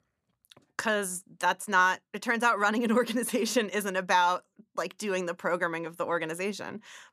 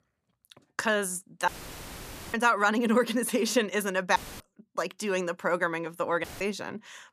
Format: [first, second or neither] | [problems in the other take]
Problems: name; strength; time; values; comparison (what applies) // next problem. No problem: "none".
first | audio cutting out; filled with static; at 1.5 s for 1 s, at 4 s and at 6 s